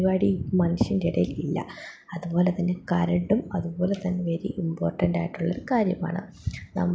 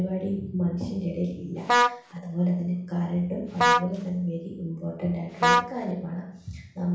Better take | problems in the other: first | background sound (Vehicle horn, car horn, honking); 2 dB above the speech // room echo; dies away in 0.7 s

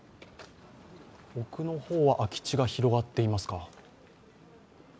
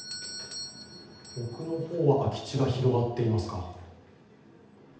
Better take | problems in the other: first | background sound (Doorbell); 16 dB below the speech // room echo; dies away in 0.8 s

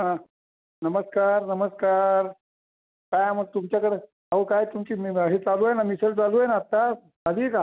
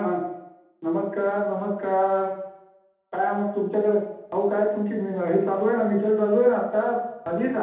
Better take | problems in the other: first | room echo; dies away in 0.8 s

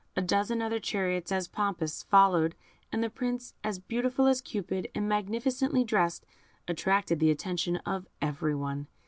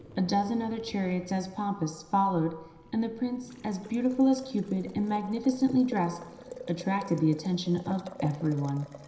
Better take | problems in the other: first | background sound (Boiling); 18 dB below the speech // room echo; dies away in 0.9 s

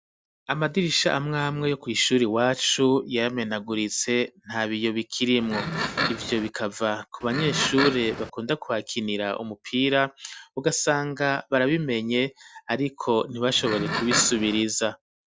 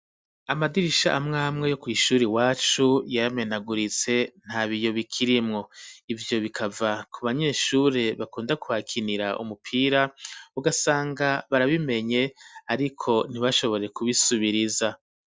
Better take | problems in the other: second | background sound (Livestock, farm animals, working animals); 4 dB below the speech

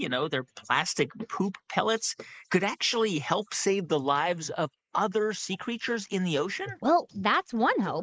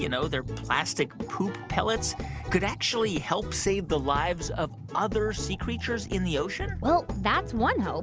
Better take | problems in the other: second | noise reduction (neural mask model Resemble Enhance denoiser)

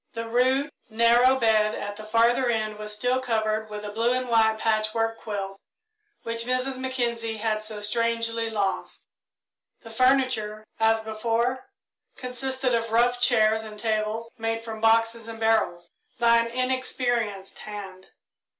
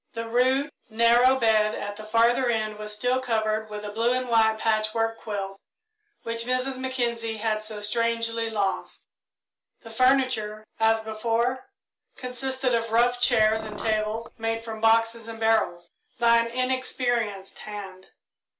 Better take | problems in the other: first | background sound (Car); 14 dB below the speech

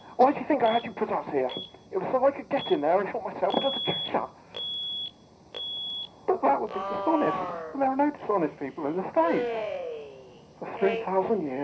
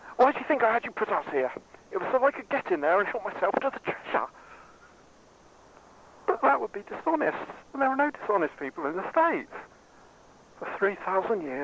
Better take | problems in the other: second | background sound (Alarm); 9 dB below the speech // room echo; dies away in 0.4 s

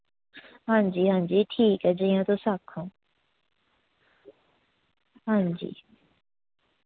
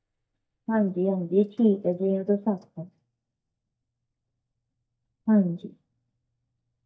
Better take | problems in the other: first | noise reduction (neural mask model DeepFilterNet 3)

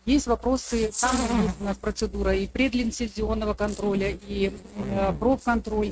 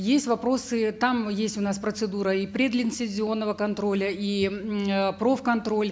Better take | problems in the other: second | noise reduction (neural mask model RNNoise)

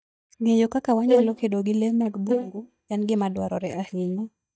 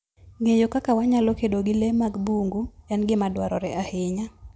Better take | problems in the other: second | noise reduction (neural mask model DeepFilterNet 3)

